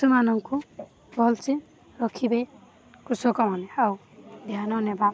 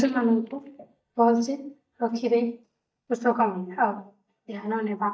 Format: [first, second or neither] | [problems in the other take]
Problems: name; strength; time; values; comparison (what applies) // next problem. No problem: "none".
first | noise reduction (neural mask model DeepFilterNet 3)